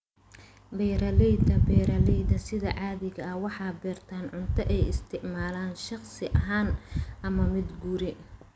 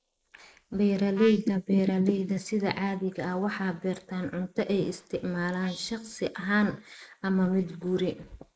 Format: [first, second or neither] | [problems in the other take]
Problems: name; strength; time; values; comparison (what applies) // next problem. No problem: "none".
first | noise reduction (neural mask model Resemble Enhance denoiser)